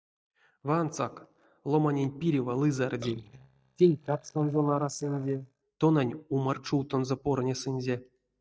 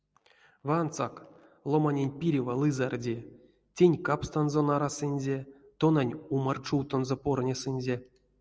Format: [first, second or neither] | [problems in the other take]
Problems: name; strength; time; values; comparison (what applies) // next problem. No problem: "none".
second | noise reduction (neural mask model DeepFilterNet 3)